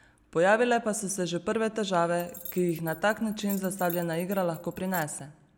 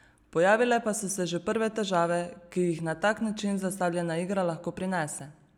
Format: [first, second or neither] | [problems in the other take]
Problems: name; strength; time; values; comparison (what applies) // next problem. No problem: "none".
second | background sound (Keys jangling); 16 dB below the speech